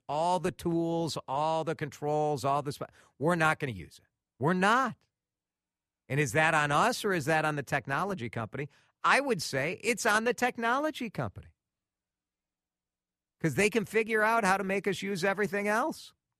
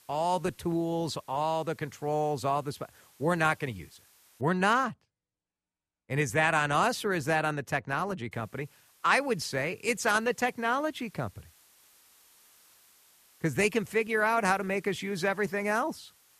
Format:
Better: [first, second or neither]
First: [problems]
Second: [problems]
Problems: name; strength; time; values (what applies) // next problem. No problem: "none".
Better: first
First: none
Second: hiss; faint; until 4.5 s and from 8.5 s on; 30 dB below the speech